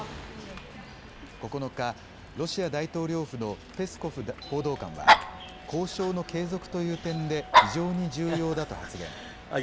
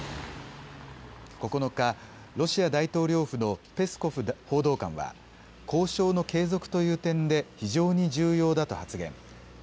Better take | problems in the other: second | background sound (Dog); 2 dB above the speech

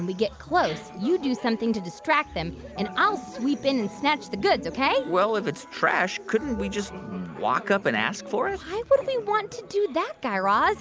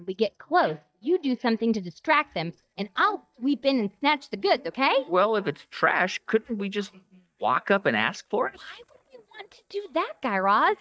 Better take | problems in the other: first | noise reduction (neural mask model DeepFilterNet 3)

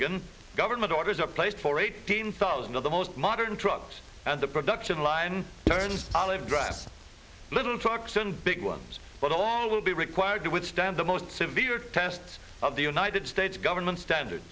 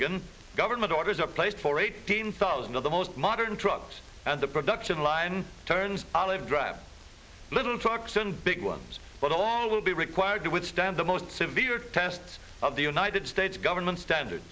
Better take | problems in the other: second | background sound (Writing); 5 dB below the speech

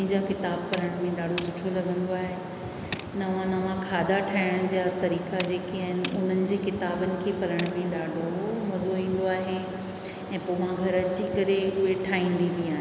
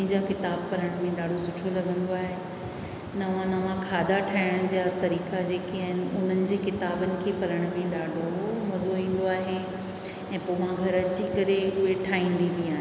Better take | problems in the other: second | background sound (Tools); 17 dB below the speech

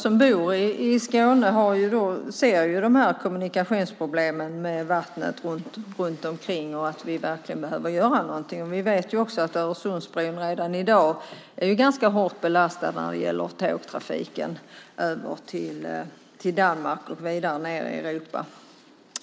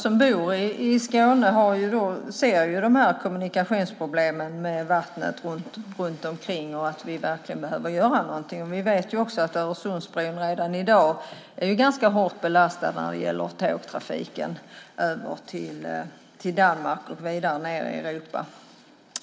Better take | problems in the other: first | room echo; dies away in 0.8 s

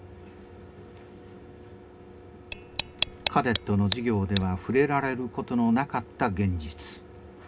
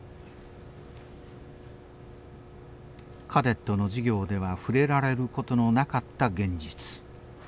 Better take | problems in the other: second | background sound (Tick); 7 dB below the speech // room echo; dies away in 0.3 s

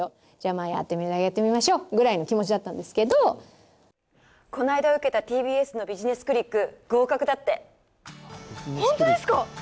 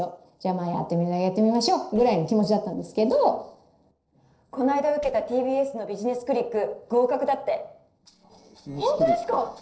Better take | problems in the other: first | noise reduction (neural separator model SepFormer DNS4)

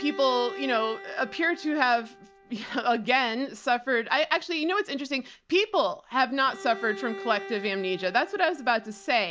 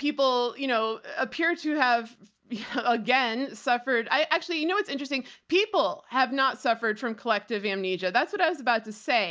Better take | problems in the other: second | background sound (Bowed string instrument); 16 dB below the speech

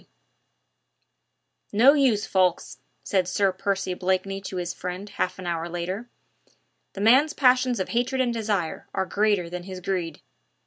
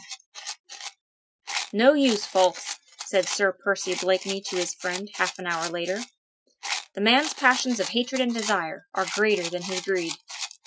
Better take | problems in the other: first | noise reduction (classical method Wiener filter)

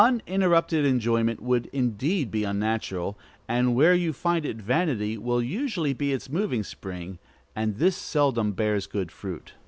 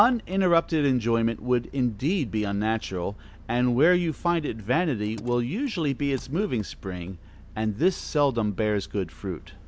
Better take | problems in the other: first | background sound (Engine); 19 dB below the speech

